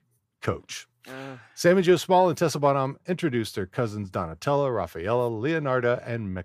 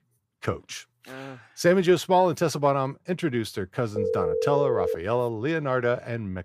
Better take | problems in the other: first | phone ringing; noticeable; at 4 s; peak level with the speech

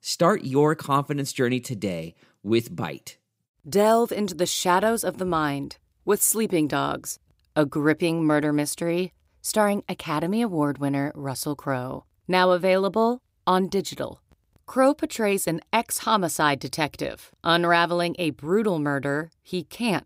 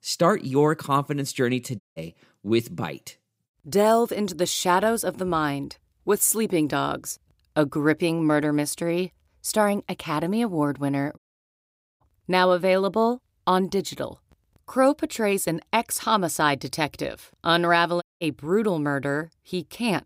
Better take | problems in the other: first | audio cutting out; at 2 s, at 11 s for 1 s and at 18 s

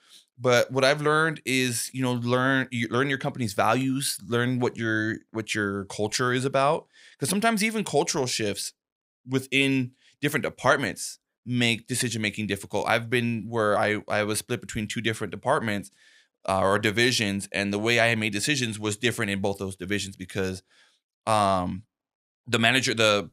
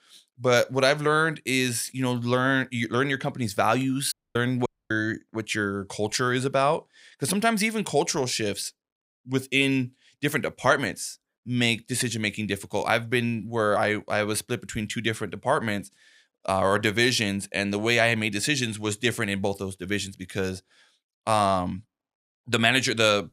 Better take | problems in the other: first | audio cutting out; at 4 s and at 4.5 s

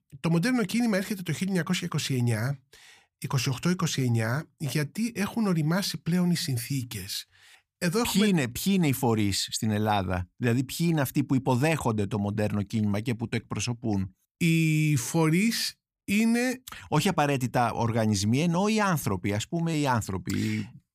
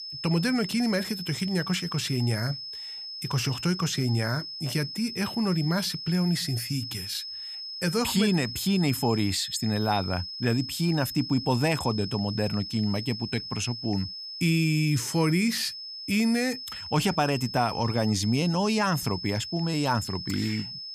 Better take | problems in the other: first | high-pitched whine; loud; throughout; 5 kHz, 8 dB below the speech

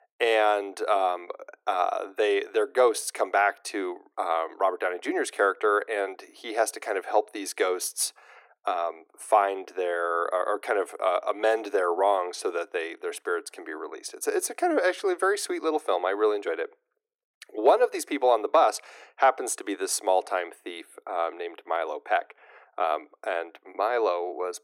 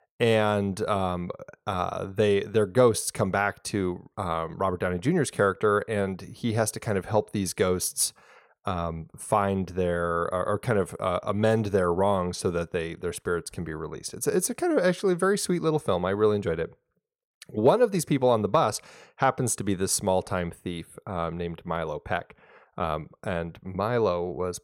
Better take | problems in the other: second | thin; very; fading below 300 Hz

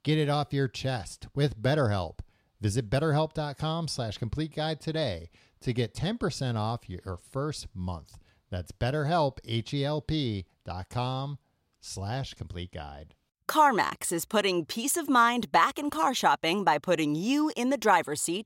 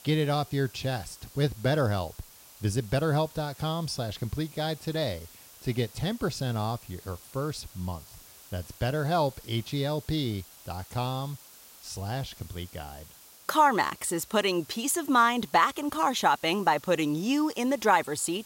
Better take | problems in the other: first | hiss; faint; throughout; 20 dB below the speech

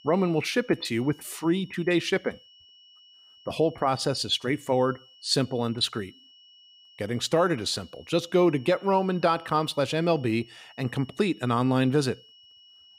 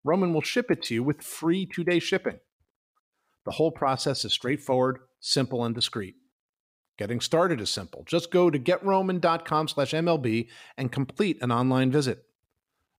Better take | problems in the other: second | high-pitched whine; faint; throughout; 3 kHz, 25 dB below the speech

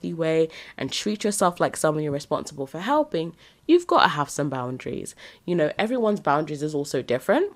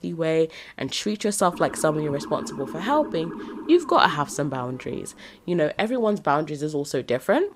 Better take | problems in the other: first | siren; faint; from 1.5 to 5.5 s; peak 10 dB below the speech

